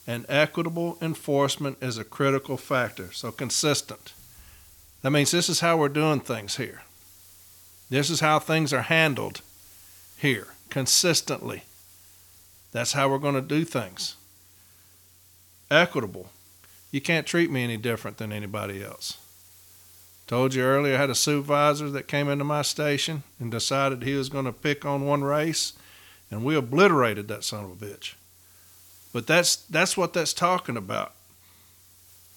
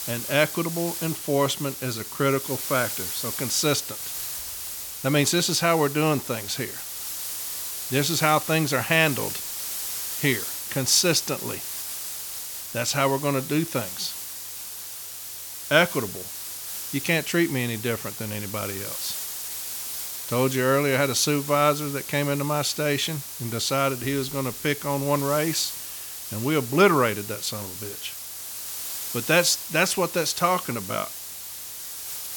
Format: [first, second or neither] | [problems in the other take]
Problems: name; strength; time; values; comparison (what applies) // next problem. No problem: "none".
first | hiss; loud; throughout; 7 dB below the speech; faint in the first